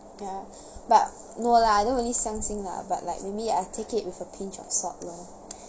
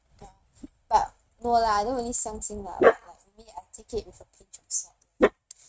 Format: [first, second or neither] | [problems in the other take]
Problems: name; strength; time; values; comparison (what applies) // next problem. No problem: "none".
first | noise reduction (neural mask model RNNoise)